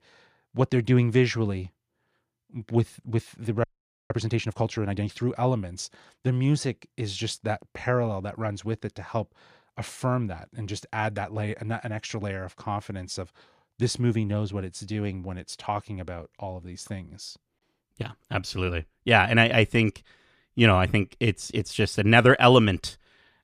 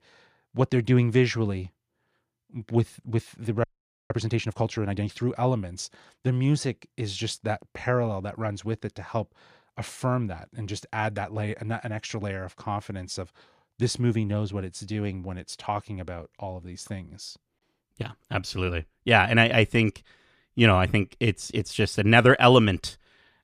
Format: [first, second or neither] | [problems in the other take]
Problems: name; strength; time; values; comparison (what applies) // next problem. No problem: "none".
neither | audio freezing; at 3.5 s; the same in both